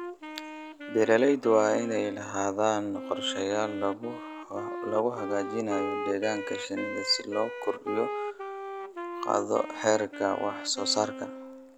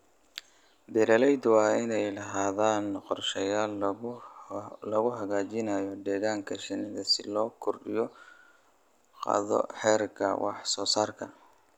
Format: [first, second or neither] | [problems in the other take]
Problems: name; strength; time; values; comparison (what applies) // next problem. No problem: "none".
second | background sound (Wind instrument, woodwind instrument); 9 dB below the speech